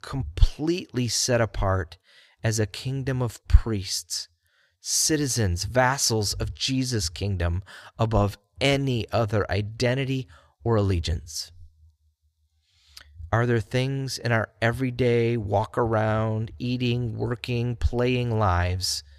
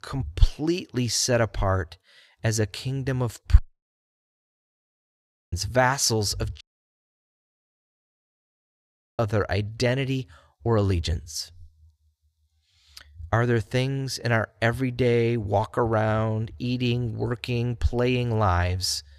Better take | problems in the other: first | audio cutting out; at 3.5 s for 2 s and at 6.5 s for 2.5 s

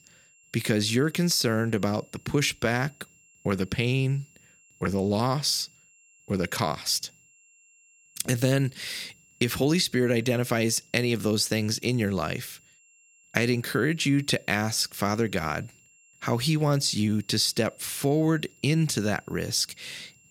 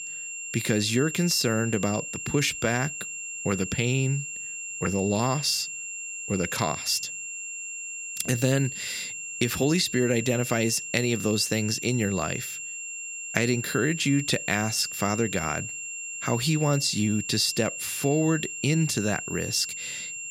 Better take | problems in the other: first | high-pitched whine; loud; throughout; 7.5 kHz, 7 dB below the speech; faint in the first

